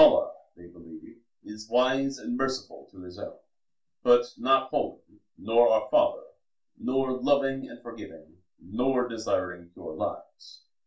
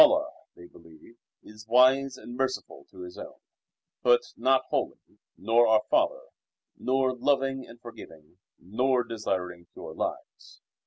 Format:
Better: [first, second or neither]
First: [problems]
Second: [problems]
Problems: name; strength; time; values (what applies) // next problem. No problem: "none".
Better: second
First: room echo; dies away in 0.2 s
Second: none